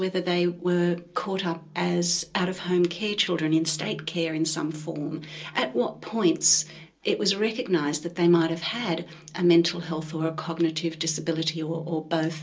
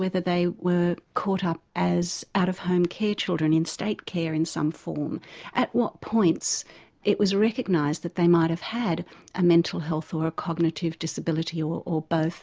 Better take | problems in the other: second | room echo; dies away in 0.2 s

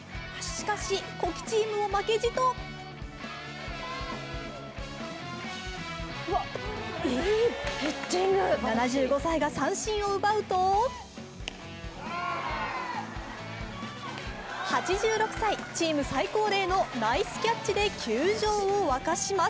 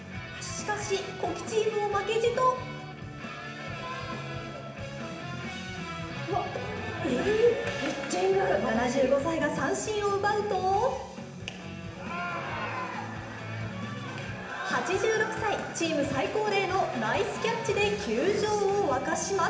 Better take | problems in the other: first | room echo; dies away in 0.8 s

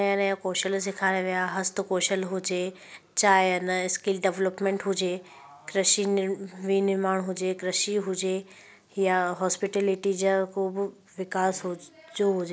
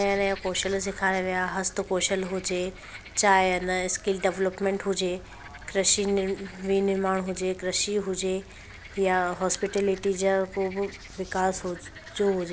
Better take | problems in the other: first | background sound (Frog); 17 dB below the speech

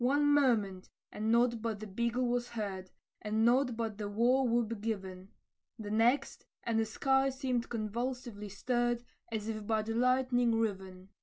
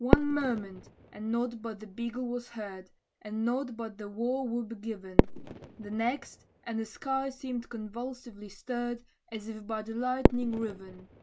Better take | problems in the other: first | background sound (Fireworks); as loud as the speech

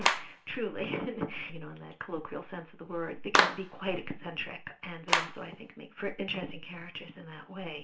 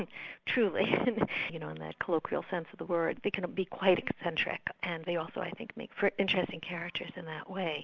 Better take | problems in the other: second | background sound (Clapping); 2 dB above the speech // room echo; dies away in 0.2 s

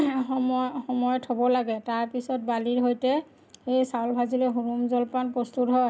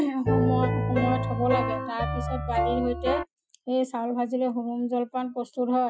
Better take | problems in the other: first | noise reduction (classical method Wiener filter)

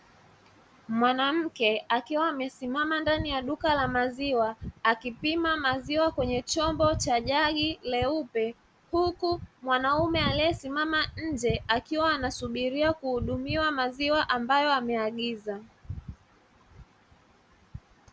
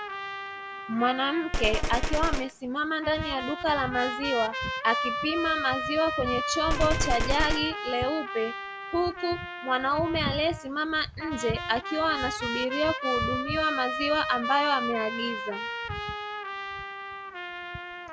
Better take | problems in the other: first | background sound (Gunshot, gunfire + Trumpet); 3 dB below the speech

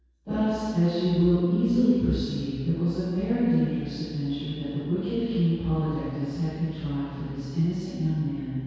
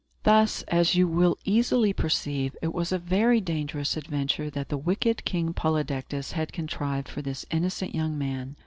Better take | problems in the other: second | room echo; dies away in 2 s

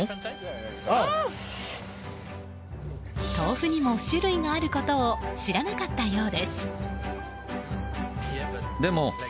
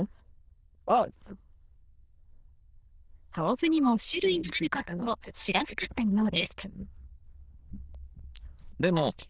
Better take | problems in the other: first | noise reduction (neural diffusion model UNIVERSE++)

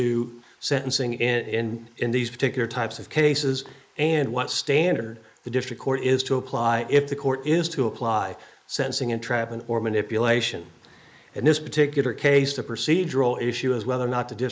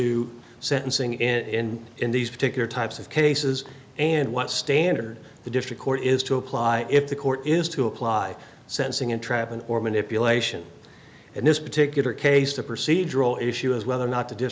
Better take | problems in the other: second | noise reduction (neural mask model Resemble Enhance denoiser)

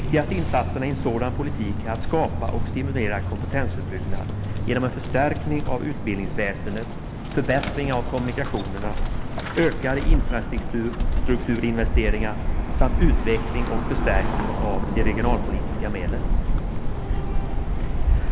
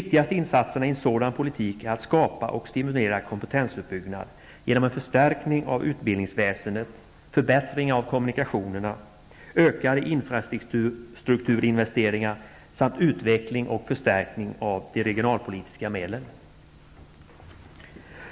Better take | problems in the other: second | background sound (Bird); 4 dB above the speech

